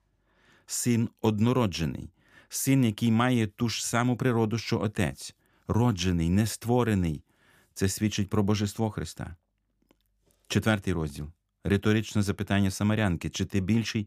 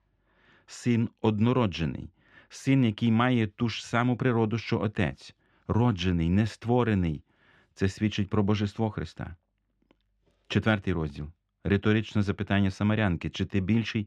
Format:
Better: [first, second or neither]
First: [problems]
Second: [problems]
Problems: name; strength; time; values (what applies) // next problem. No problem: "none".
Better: first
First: none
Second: muffled; slightly; fading above 3 kHz